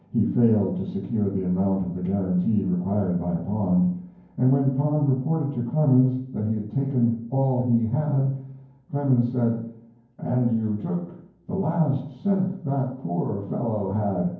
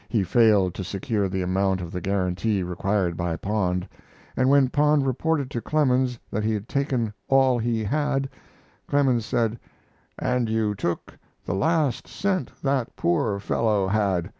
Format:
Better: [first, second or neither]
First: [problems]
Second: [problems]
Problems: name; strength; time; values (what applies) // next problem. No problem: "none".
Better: second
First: room echo; dies away in 0.9 s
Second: none